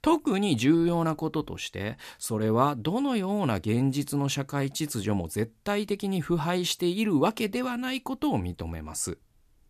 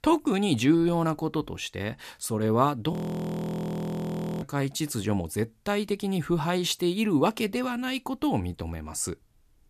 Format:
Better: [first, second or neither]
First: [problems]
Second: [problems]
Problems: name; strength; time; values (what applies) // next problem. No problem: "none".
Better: first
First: none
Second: audio freezing; at 3 s for 1.5 s